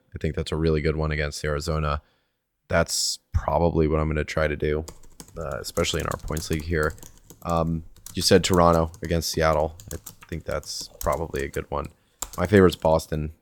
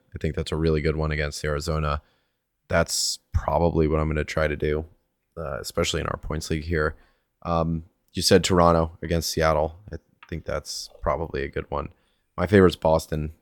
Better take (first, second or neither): second